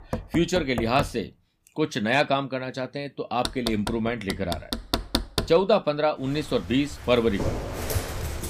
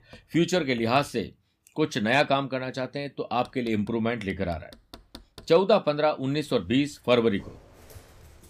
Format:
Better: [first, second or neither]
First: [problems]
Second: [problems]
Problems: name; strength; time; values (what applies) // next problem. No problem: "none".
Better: second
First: household noises; loud; throughout; 7 dB below the speech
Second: household noises; faint; throughout; 25 dB below the speech